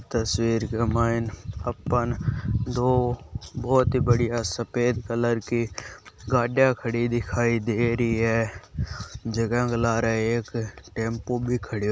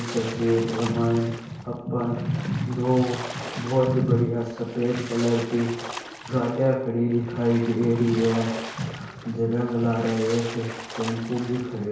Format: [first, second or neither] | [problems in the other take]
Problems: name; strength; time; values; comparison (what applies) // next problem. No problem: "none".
first | background sound (Splash, splatter); 13 dB below the speech // room echo; dies away in 1 s